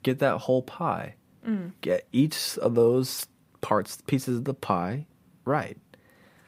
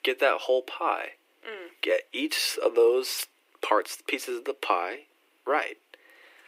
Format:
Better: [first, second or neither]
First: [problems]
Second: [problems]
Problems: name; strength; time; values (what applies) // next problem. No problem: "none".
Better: first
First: none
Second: thin; very; fading below 300 Hz